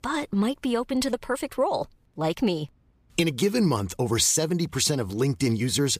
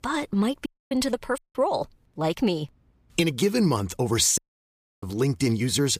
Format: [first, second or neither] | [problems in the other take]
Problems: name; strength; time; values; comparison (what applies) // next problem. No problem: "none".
first | audio cutting out; at 0.5 s, at 1.5 s and at 4.5 s for 0.5 s